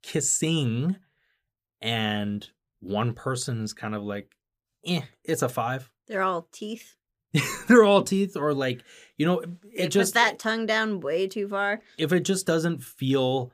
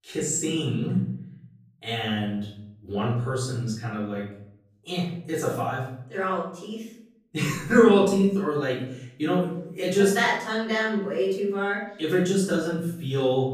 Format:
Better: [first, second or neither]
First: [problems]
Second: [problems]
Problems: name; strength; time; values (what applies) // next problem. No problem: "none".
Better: first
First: none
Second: off-mic speech; far // room echo; noticeable; dies away in 0.7 s